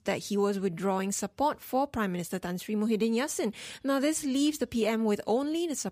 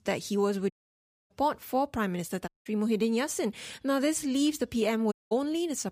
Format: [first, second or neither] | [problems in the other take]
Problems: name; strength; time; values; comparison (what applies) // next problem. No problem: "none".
first | audio cutting out; at 0.5 s for 0.5 s, at 2.5 s and at 5 s